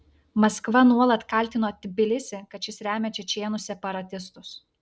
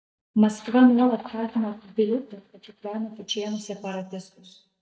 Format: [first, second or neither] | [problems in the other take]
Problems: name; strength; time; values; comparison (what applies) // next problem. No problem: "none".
first | noise reduction (neural mask model DeepFilterNet 3)